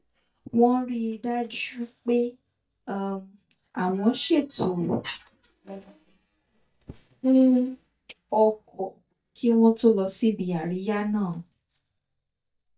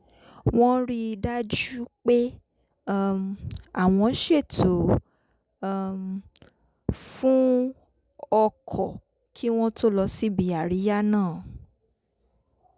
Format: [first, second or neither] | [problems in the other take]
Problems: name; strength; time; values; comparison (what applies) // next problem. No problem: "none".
second | noise reduction (neural mask model DeepFilterNet 3)